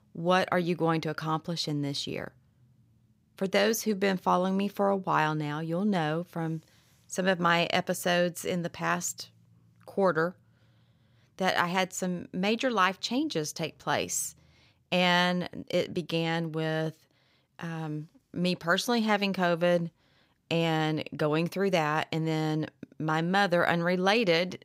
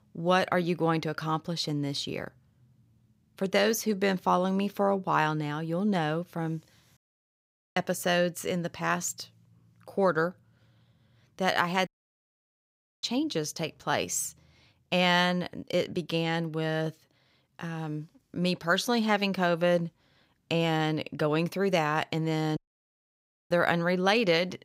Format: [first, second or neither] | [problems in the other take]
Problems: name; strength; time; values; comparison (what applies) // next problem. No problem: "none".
first | audio cutting out; at 7 s for 1 s, at 12 s for 1 s and at 23 s for 1 s